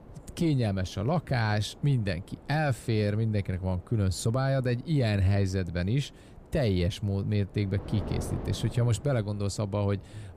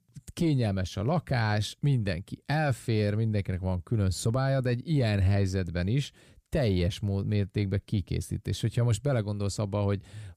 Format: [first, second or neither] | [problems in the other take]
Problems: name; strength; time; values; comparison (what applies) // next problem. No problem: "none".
second | wind noise on the microphone; occasional gusts; 15 dB below the speech